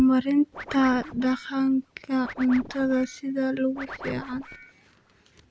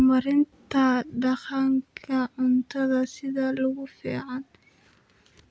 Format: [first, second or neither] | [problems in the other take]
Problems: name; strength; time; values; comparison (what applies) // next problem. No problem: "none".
second | background sound (Scratching (performance technique)); 16 dB below the speech